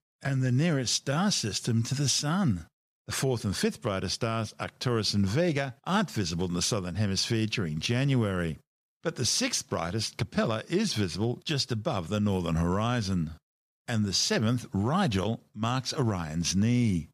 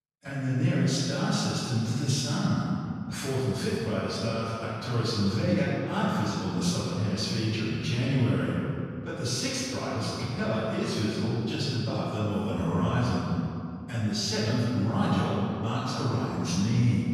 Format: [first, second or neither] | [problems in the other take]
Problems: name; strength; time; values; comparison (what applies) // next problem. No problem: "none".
first | off-mic speech; far // room echo; strong; dies away in 2.3 s